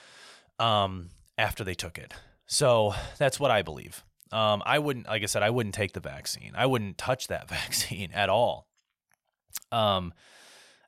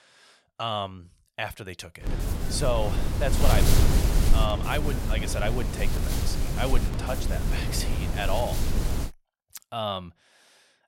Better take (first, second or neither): first